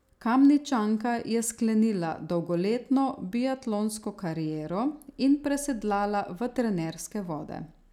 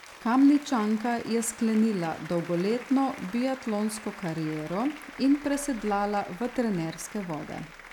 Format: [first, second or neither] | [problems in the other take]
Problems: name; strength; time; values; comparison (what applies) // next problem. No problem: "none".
first | background sound (Applause); 17 dB below the speech